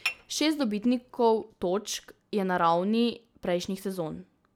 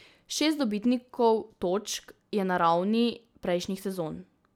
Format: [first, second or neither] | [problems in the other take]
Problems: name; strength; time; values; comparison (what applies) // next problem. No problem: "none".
second | background sound (Dishes, pots, and pans / Chink, clink); 12 dB below the speech